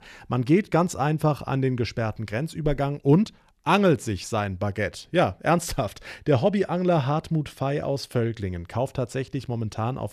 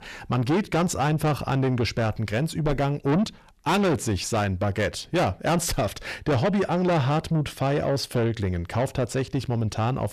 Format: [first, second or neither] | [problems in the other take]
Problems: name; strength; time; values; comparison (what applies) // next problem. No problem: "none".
first | distortion; heavy; 7 dB below the speech